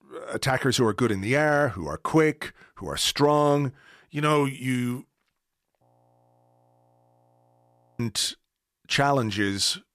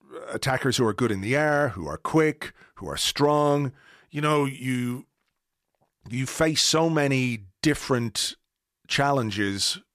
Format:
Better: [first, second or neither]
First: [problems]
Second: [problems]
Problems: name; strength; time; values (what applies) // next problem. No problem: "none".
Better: second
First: audio freezing; at 6 s for 2 s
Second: none